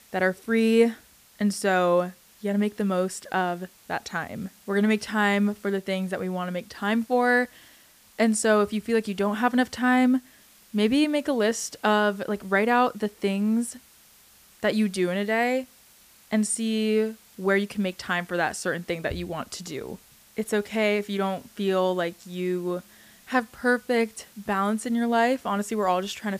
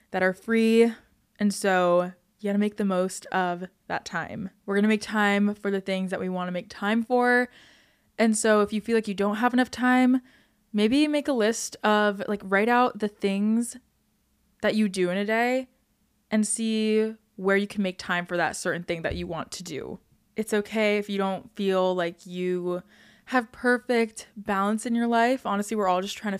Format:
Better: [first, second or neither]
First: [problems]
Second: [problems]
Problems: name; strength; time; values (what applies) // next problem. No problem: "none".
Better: second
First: hiss; faint; throughout; 25 dB below the speech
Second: none